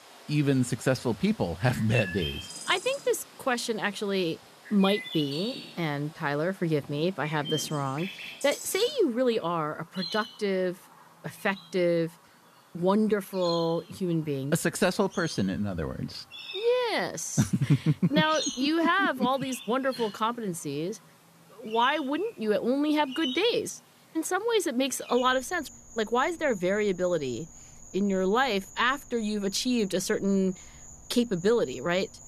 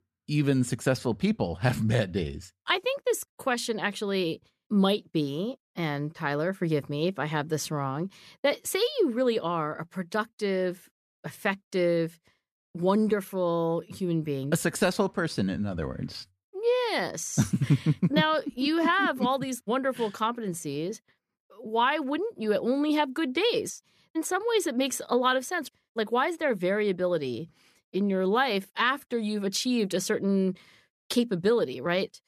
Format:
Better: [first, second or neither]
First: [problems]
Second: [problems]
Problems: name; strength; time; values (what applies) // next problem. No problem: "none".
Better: second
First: animal sounds; noticeable; throughout; 15 dB below the speech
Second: none